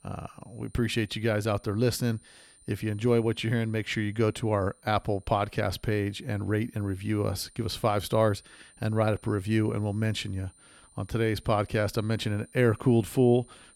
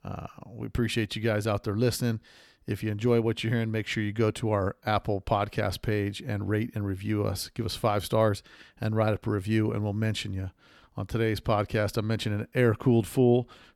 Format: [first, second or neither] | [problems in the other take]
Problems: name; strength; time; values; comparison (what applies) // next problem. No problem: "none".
second | high-pitched whine; faint; throughout; 9 kHz, 30 dB below the speech